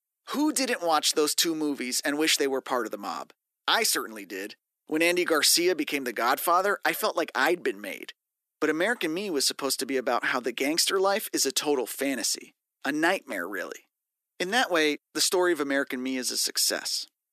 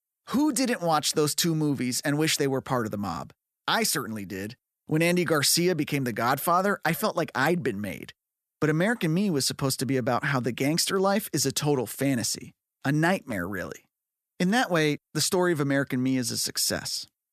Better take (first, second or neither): second